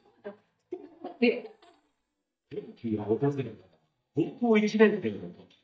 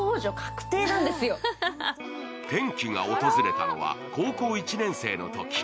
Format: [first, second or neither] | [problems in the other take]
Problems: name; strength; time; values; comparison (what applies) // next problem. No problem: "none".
second | noise reduction (neural mask model DeepFilterNet 3)